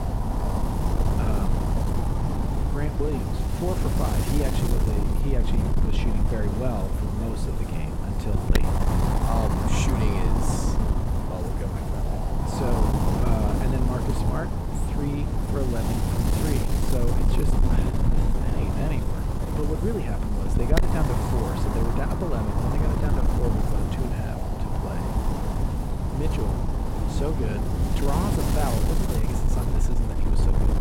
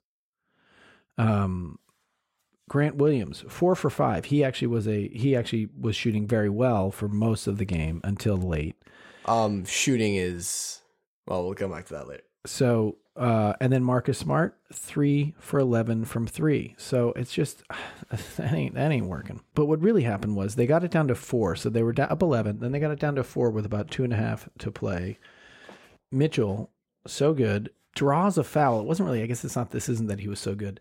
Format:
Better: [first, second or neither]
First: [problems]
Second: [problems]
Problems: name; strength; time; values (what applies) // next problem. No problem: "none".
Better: second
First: wind noise on the microphone; heavy; 2 dB above the speech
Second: none